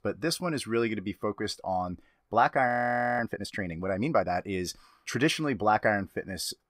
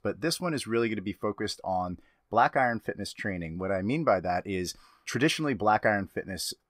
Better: second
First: audio freezing; at 2.5 s for 0.5 s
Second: none

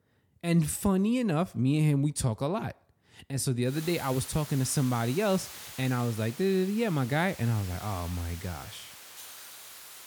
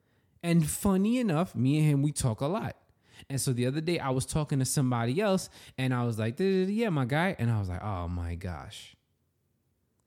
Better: second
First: hiss; noticeable; from 3.5 s on; 15 dB below the speech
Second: none

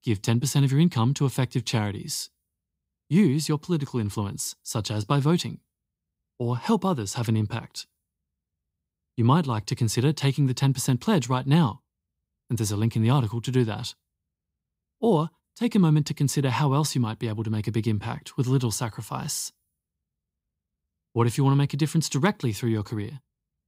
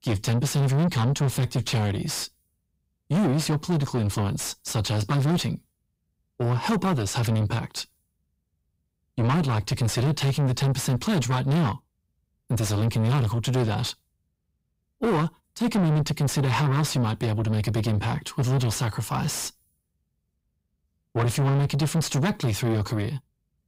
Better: first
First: none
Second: distortion; heavy; 5 dB below the speech

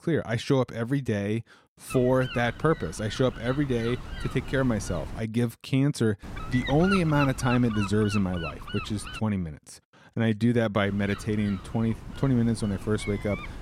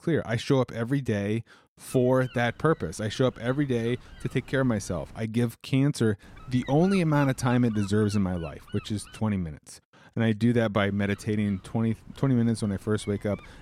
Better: second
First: wind noise on the microphone; heavy; from 2 to 5 s, from 6 to 9 s and from 11 s on; 7 dB below the speech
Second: wind noise on the microphone; occasional gusts; from 2 to 5 s, from 6 to 9 s and from 11 s on; 20 dB below the speech

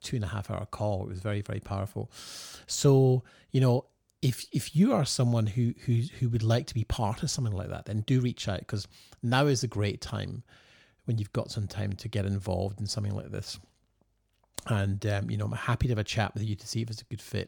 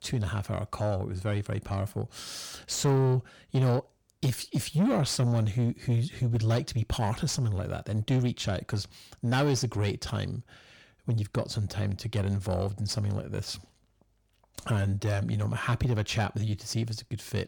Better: first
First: none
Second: distortion; slight; 10 dB below the speech

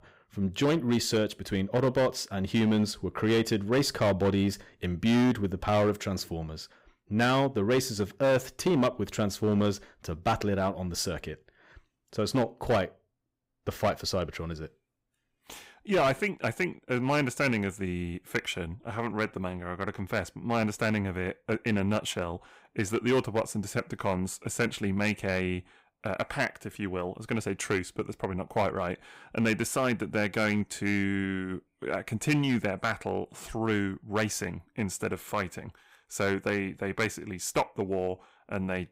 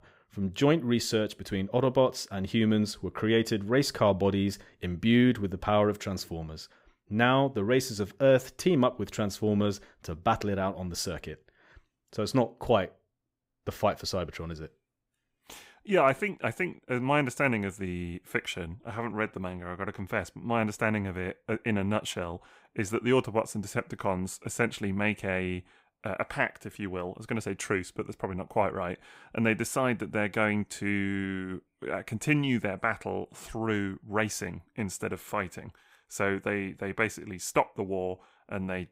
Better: second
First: distortion; slight; 4% of the sound clipped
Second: none

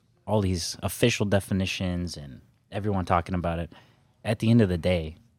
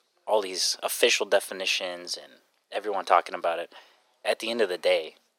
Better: first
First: none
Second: thin; very; fading below 400 Hz

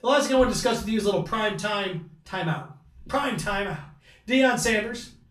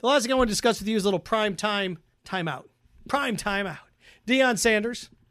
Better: second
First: room echo; slight; dies away in 0.3 s // off-mic speech; far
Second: none

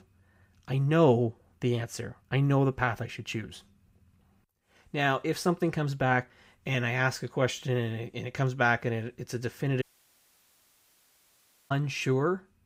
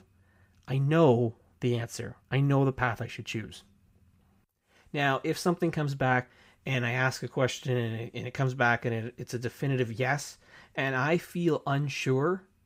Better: second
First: audio cutting out; at 10 s for 2 s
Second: none

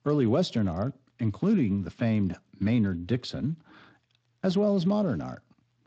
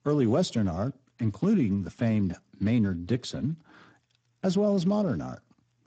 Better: first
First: garbled, watery; slightly; nothing above 7.5 kHz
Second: garbled, watery; badly; nothing above 8 kHz

